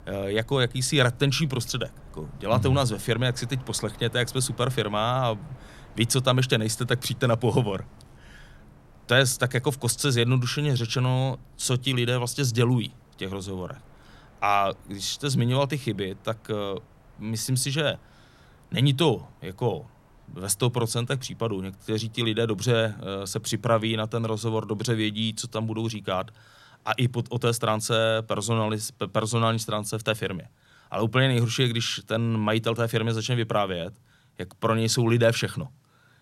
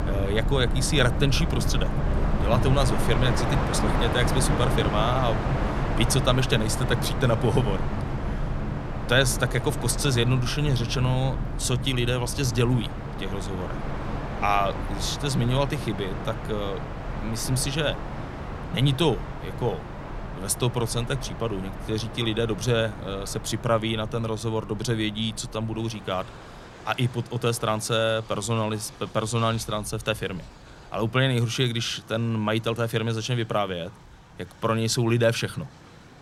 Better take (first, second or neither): first